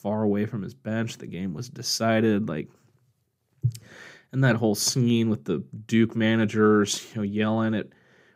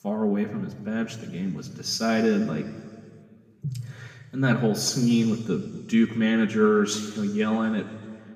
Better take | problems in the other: first | room echo; slight; dies away in 1.8 s // off-mic speech; somewhat distant

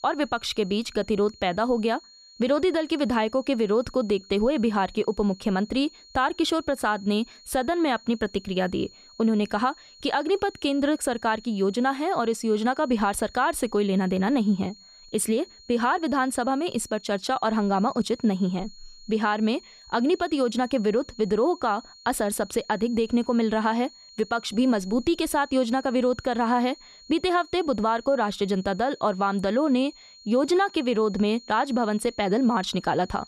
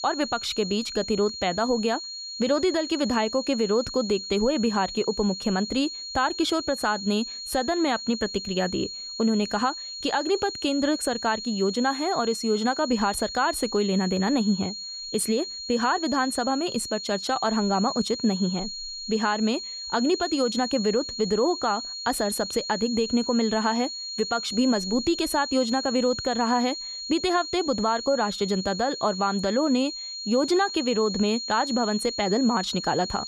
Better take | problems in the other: first | high-pitched whine; loud; throughout; 4.5 kHz, 7 dB below the speech; faint in the first

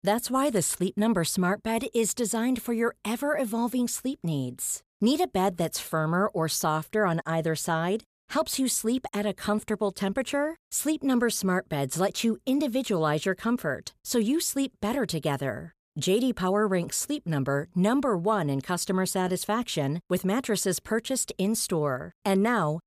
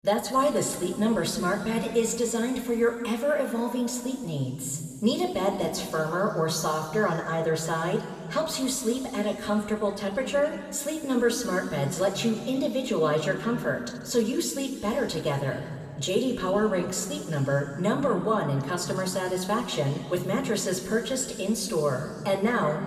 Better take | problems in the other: first | room echo; noticeable; dies away in 2.2 s // off-mic speech; somewhat distant

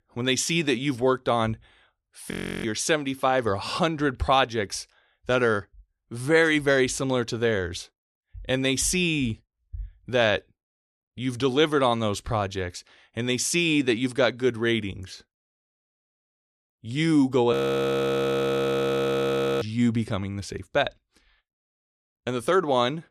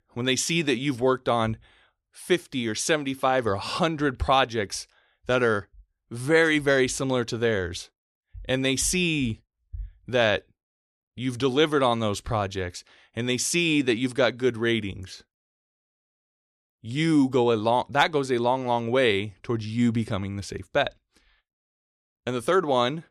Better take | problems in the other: second | audio freezing; at 2.5 s and at 18 s for 2 s

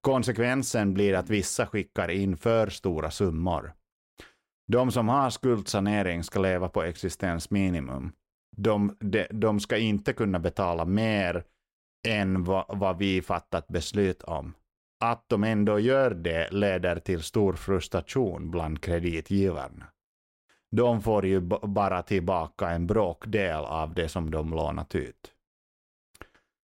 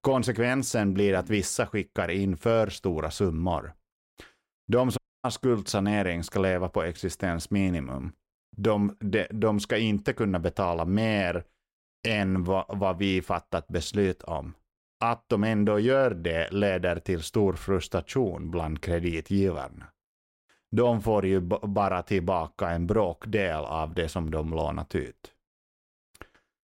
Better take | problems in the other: first | audio cutting out; at 5 s

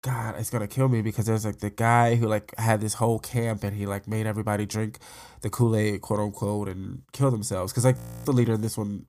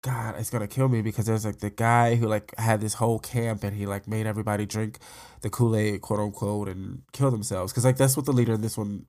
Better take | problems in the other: second | audio freezing; at 8 s

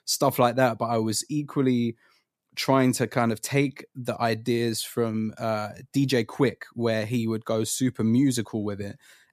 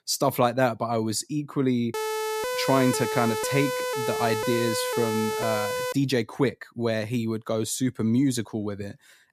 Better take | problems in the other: first | siren; noticeable; from 2 to 6 s; peak 2 dB below the speech

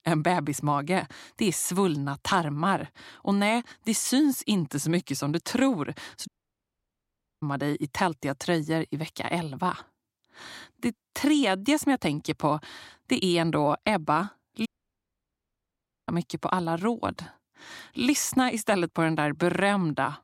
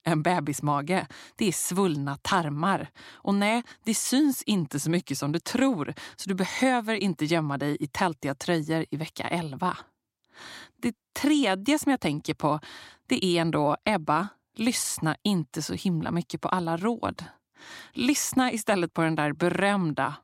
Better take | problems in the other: second | audio cutting out; at 6.5 s for 1 s and at 15 s for 1.5 s

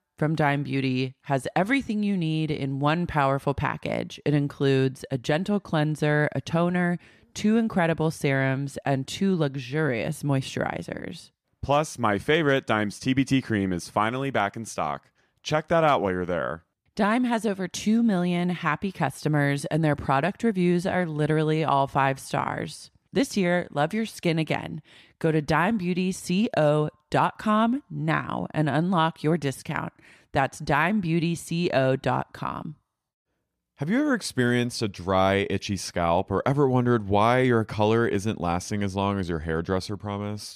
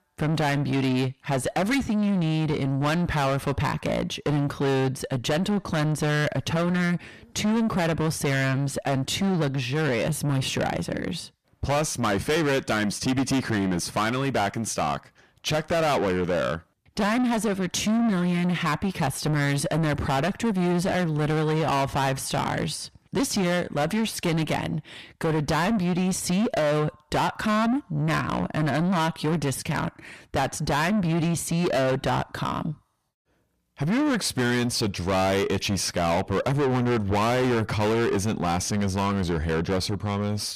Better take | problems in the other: first | distortion; heavy; 5 dB below the speech

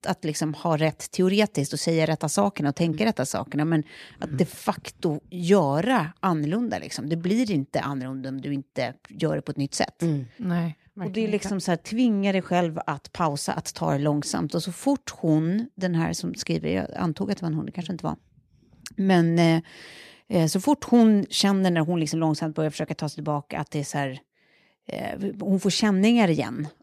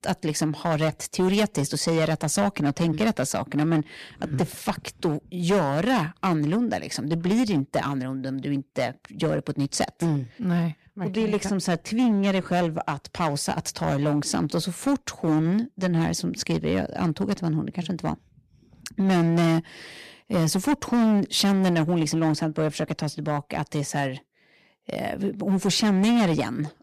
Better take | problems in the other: first | distortion; slight; 8% of the sound clipped

